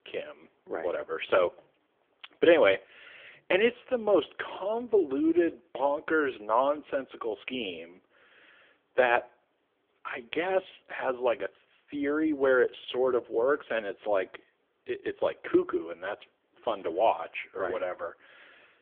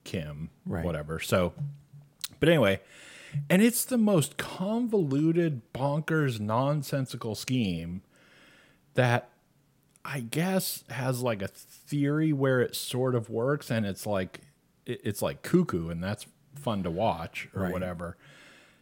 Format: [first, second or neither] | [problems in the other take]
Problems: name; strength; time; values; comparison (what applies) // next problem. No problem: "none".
second | phone-call audio; poor line; nothing above 3.5 kHz